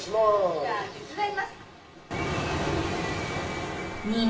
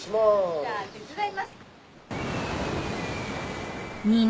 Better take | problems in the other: second | room echo; dies away in 0.6 s

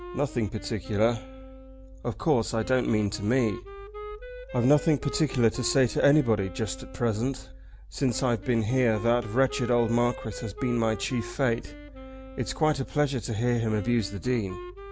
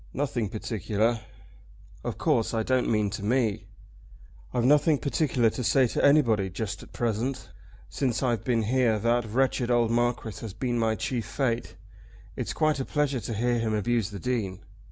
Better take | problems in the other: second | background sound (Wind instrument, woodwind instrument); 16 dB below the speech

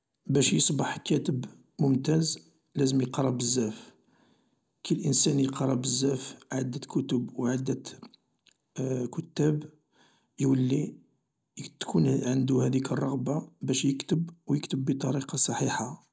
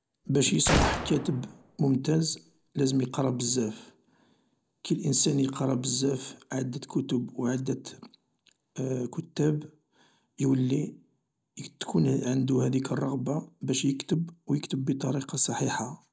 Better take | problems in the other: first | background sound (Gunshot, gunfire); 3 dB below the speech

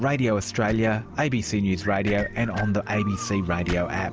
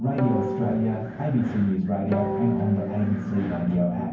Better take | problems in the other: first | background sound (Guitar); 9 dB below the speech // room echo; dies away in 0.9 s

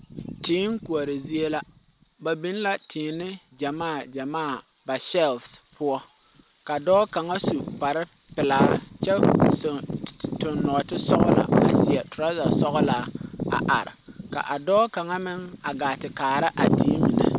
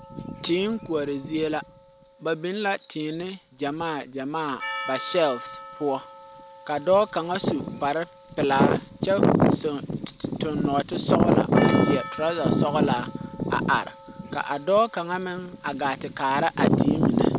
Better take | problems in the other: first | background sound (Percussion); 17 dB below the speech

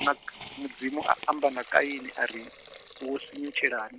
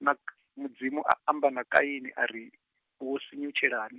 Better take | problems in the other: second | background sound (Hiss); 14 dB below the speech

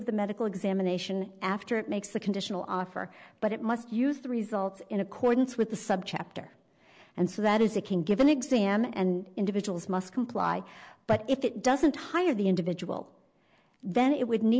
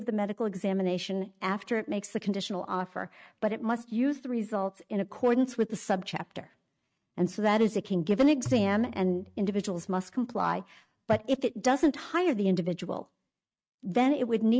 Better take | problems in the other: first | noise reduction (neural mask model RNNoise)

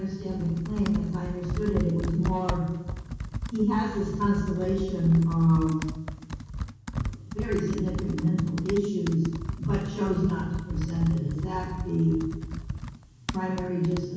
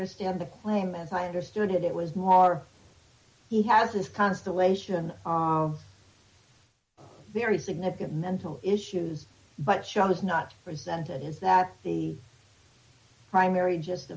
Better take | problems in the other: second | background sound (Computer keyboard); 7 dB below the speech // room echo; dies away in 1.2 s

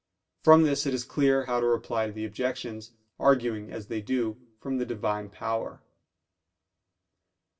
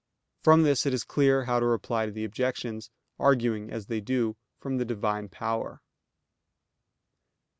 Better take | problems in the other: second | room echo; dies away in 0.2 s

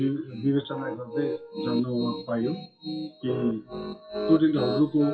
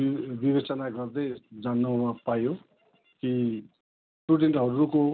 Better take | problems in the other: second | noise reduction (classical method WPE with log-MMSE)

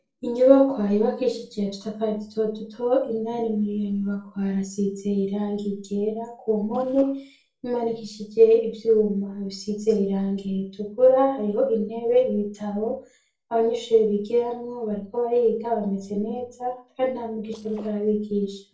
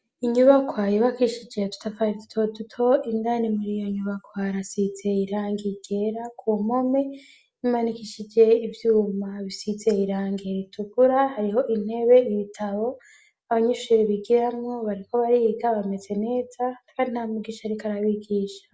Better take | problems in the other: second | noise reduction (neural separator model SepFormer DNS4)

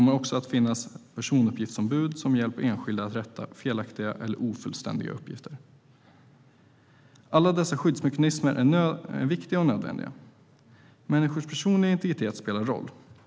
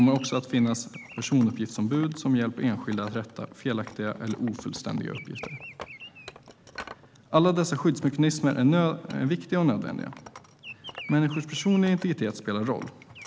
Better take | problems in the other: first | background sound (Wood + Bird vocalization, bird call, bird song); 19 dB below the speech

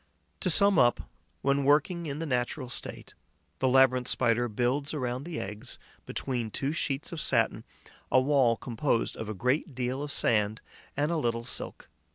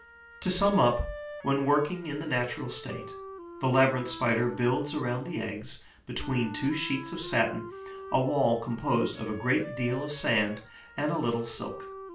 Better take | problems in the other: first | background sound (Wind instrument, woodwind instrument); 14 dB below the speech // room echo; dies away in 0.3 s

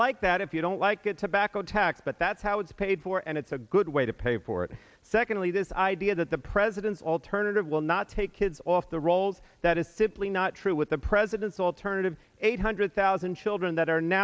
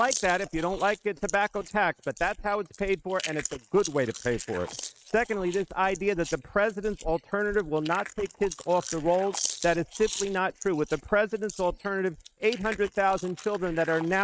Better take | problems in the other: first | noise reduction (neural mask model RNNoise)

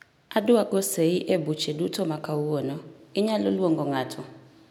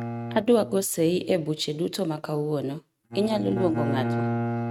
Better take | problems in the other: first | noise reduction (neural mask model RNNoise)

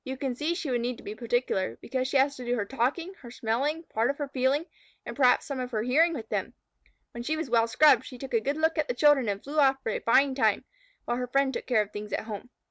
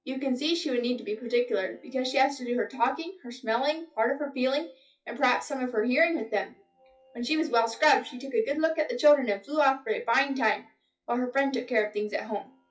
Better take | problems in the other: first | noise reduction (classical method WPE with log-MMSE)

